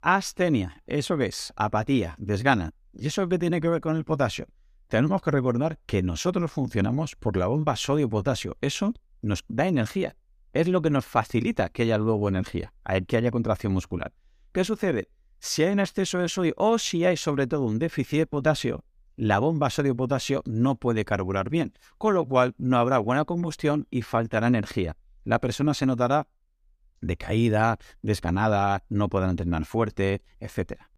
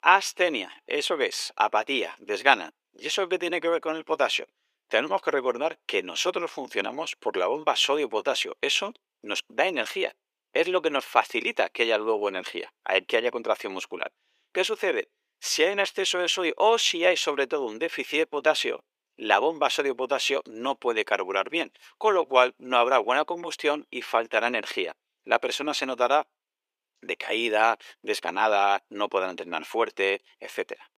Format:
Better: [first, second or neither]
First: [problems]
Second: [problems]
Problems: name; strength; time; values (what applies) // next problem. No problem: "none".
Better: first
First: none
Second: thin; very; fading below 400 Hz